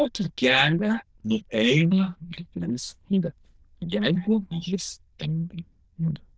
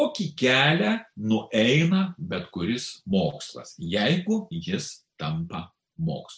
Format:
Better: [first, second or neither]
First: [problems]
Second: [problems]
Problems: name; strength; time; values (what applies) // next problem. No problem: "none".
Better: second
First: noise reduction (neural diffusion model UNIVERSE++)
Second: none